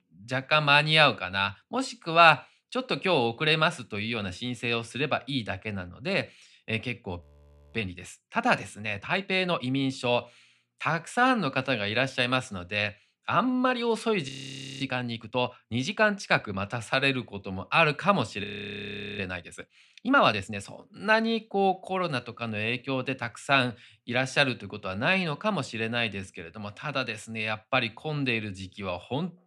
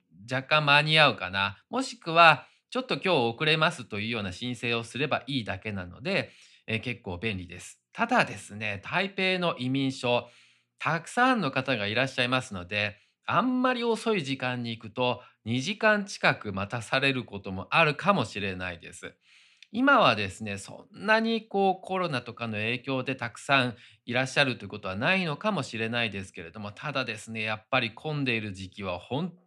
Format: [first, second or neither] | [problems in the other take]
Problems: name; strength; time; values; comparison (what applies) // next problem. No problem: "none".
second | audio freezing; at 7 s for 0.5 s, at 14 s for 0.5 s and at 18 s for 1 s